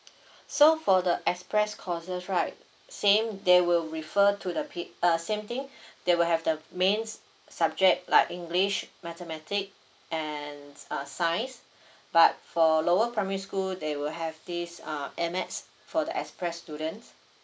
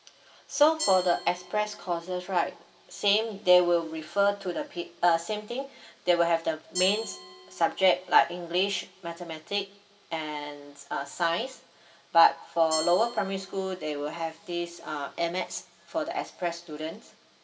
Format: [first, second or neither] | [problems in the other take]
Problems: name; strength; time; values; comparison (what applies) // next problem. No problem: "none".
first | background sound (Glass); 16 dB below the speech // room echo; dies away in 0.3 s